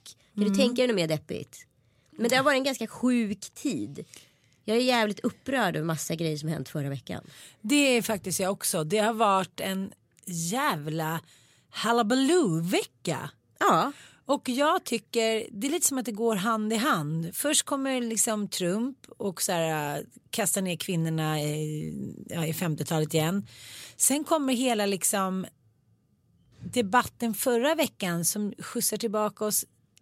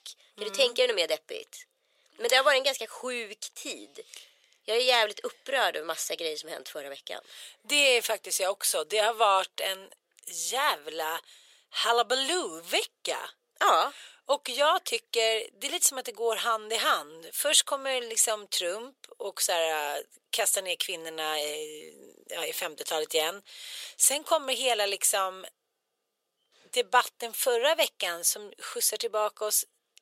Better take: first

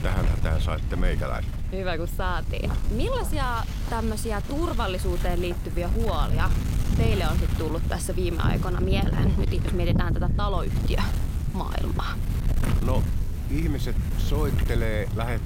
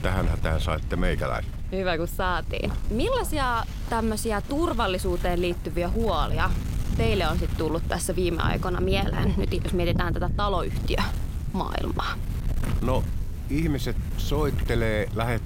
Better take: second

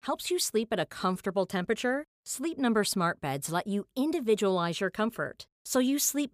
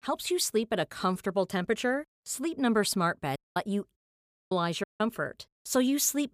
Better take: first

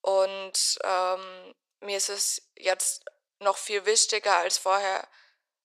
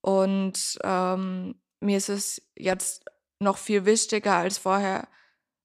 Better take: second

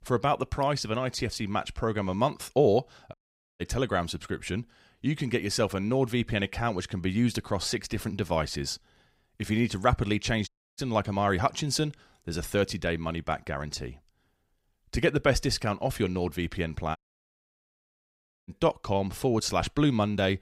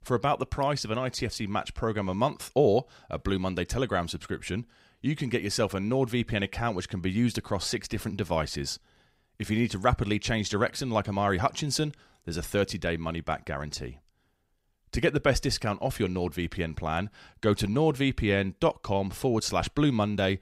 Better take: second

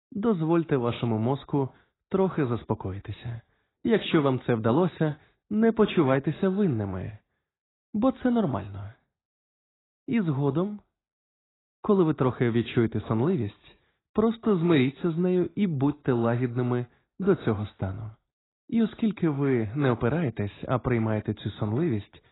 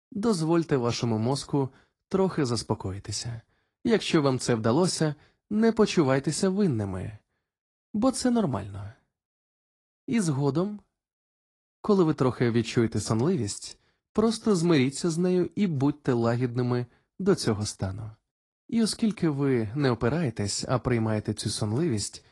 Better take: second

